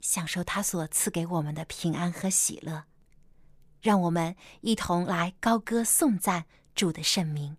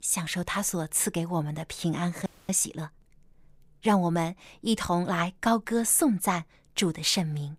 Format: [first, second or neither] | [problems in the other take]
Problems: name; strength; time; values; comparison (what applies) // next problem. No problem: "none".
first | audio freezing; at 2.5 s